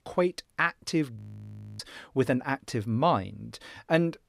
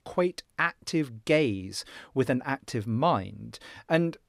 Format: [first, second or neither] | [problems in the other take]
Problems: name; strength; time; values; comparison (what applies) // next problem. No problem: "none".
second | audio freezing; at 1 s for 0.5 s